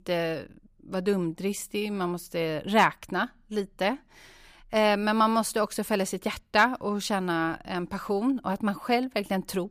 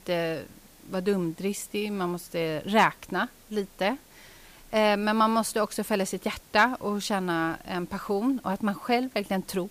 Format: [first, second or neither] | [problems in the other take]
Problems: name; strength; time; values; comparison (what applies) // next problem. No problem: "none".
first | hiss; faint; throughout; 25 dB below the speech